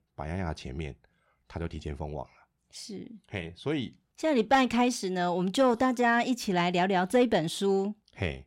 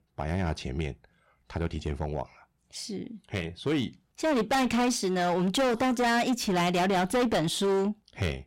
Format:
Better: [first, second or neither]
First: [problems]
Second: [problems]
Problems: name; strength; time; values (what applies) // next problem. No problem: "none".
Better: first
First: none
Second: distortion; heavy; 16% of the sound clipped